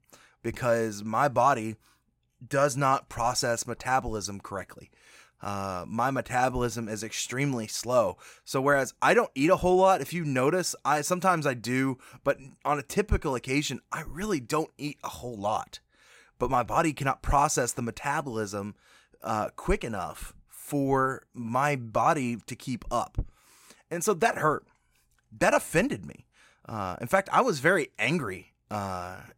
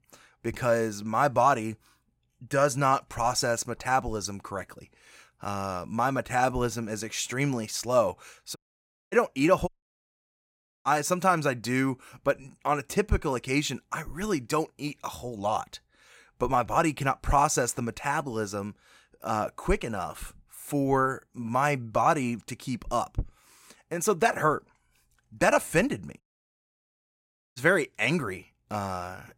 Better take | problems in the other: first | audio cutting out; at 8.5 s for 0.5 s, at 9.5 s for 1 s and at 26 s for 1.5 s

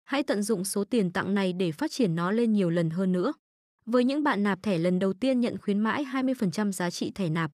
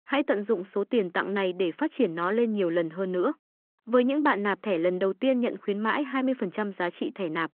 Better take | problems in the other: first | phone-call audio

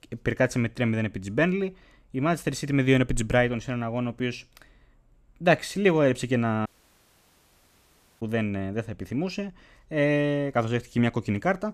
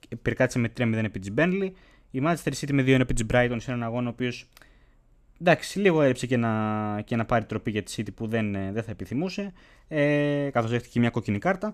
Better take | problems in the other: second | audio cutting out; at 6.5 s for 1.5 s

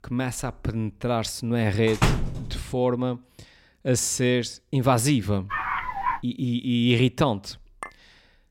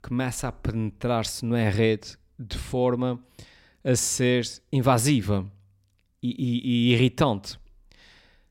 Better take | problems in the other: second | door banging; loud; at 2 s; peak 1 dB above the speech // dog barking; noticeable; at 5.5 s; peak 2 dB below the speech // clattering dishes; faint; at 8 s; peak 15 dB below the speech

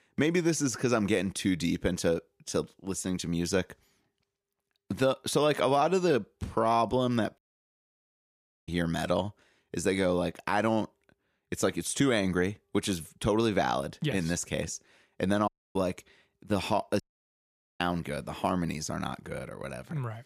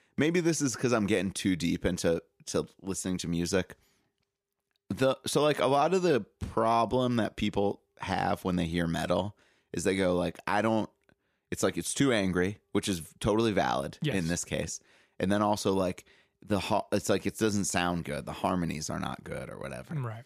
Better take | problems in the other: second | audio cutting out; at 7.5 s for 1.5 s, at 15 s and at 17 s for 1 s

